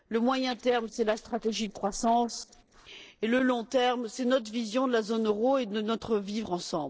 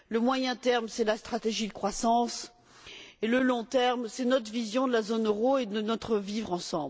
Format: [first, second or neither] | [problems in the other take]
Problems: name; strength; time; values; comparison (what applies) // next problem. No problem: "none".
second | noise reduction (neural separator model SepFormer DNS4)